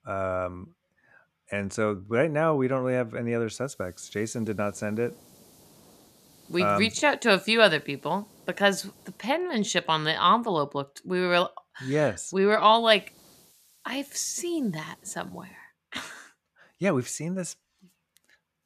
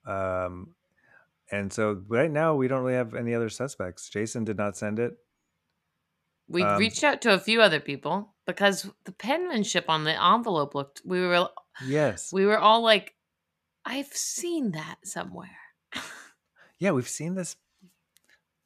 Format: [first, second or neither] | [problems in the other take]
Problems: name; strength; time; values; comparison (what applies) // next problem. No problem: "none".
second | hiss; faint; from 3.5 to 9 s and from 13 to 16 s; 30 dB below the speech